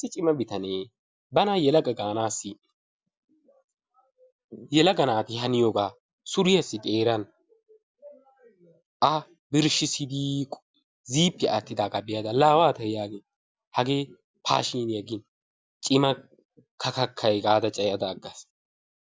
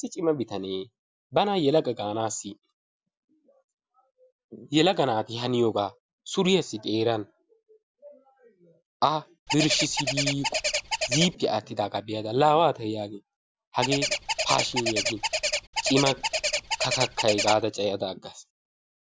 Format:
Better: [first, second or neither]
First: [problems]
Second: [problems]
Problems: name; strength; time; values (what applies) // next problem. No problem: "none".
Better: first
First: none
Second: background sound (Bird); as loud as the speech